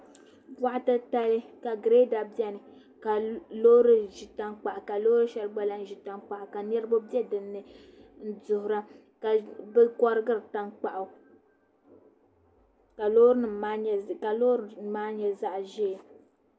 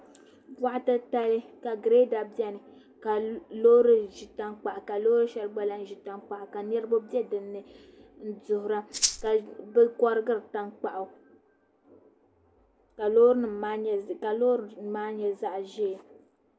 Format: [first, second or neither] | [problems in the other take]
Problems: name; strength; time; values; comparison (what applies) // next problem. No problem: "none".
first | background sound (Rattle (instrument)); 1 dB below the speech